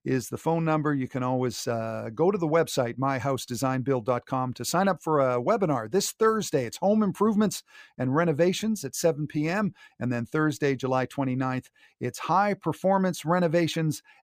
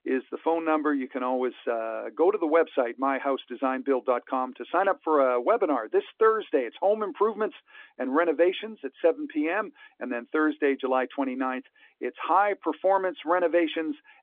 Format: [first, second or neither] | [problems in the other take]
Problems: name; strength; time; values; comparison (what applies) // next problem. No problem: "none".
first | phone-call audio; nothing above 3.5 kHz